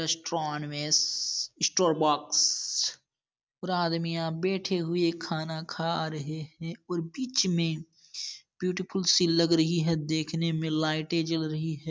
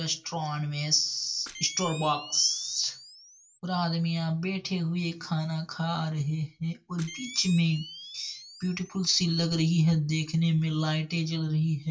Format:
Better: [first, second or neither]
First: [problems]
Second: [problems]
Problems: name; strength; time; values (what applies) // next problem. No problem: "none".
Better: first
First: none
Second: background sound (Camera); 17 dB below the speech // room echo; dies away in 0.2 s